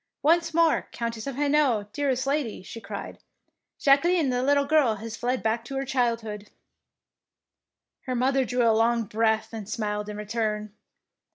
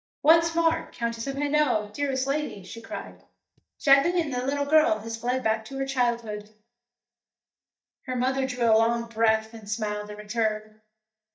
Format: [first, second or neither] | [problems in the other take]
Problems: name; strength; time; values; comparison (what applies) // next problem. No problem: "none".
first | noise reduction (neural mask model DeepFilterNet 3)